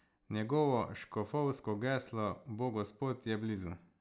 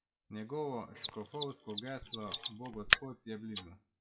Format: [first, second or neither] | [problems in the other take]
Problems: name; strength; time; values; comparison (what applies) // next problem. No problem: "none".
first | noise reduction (classical method WPE with log-MMSE)